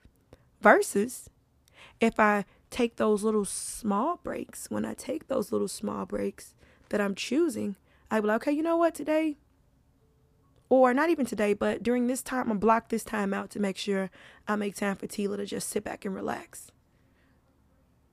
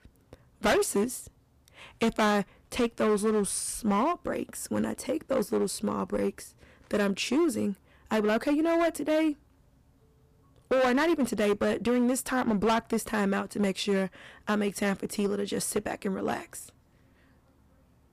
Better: first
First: none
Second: distortion; heavy; 8% of the sound clipped

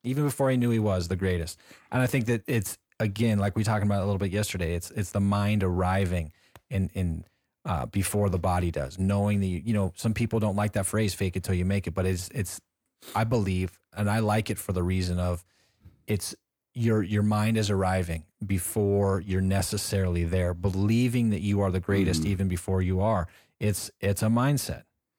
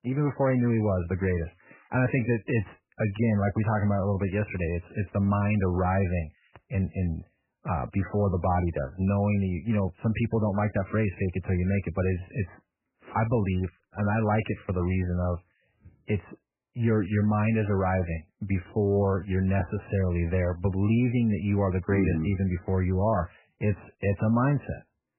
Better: first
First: none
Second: garbled, watery; badly; nothing above 2.5 kHz

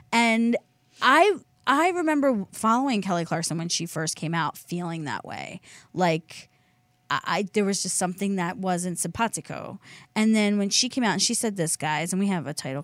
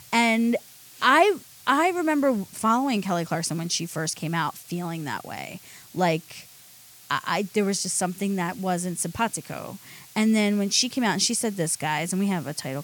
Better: first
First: none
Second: hiss; faint; throughout; 20 dB below the speech

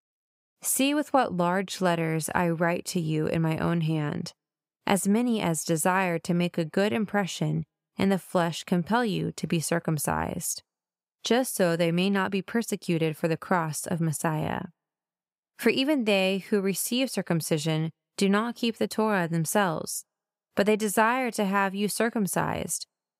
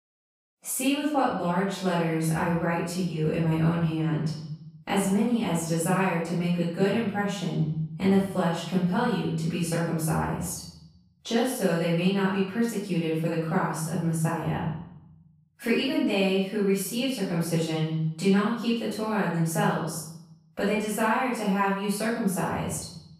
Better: first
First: none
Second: room echo; noticeable; dies away in 0.8 s // off-mic speech; far

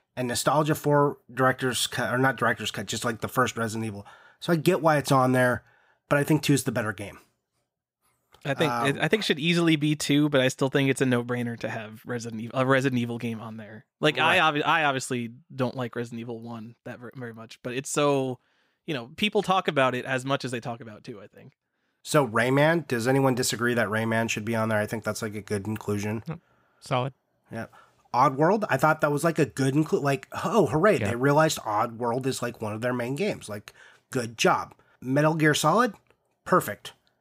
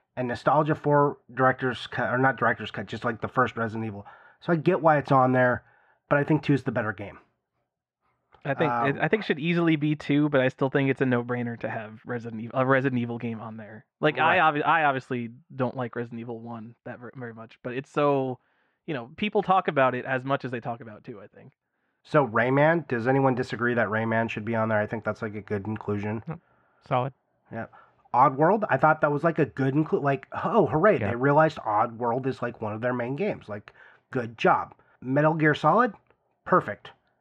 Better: first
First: none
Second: muffled; very; fading above 2 kHz

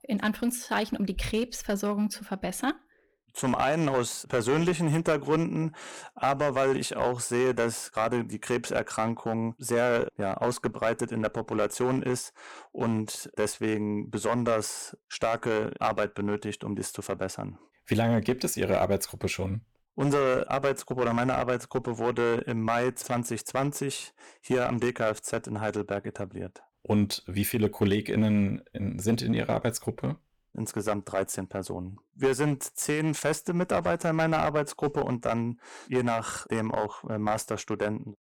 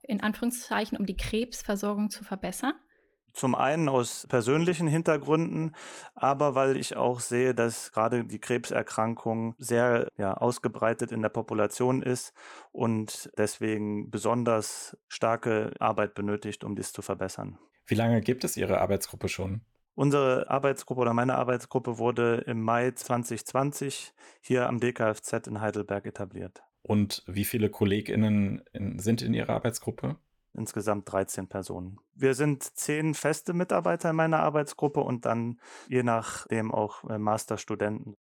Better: second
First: distortion; slight; 4% of the sound clipped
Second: none

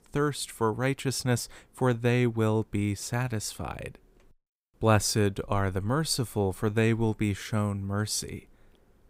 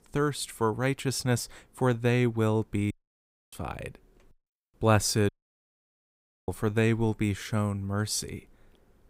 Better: first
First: none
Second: audio cutting out; at 3 s for 0.5 s and at 5.5 s for 1 s

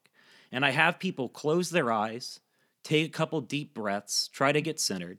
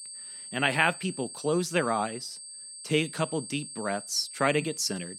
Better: first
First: none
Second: high-pitched whine; noticeable; throughout; 8.5 kHz, 10 dB below the speech

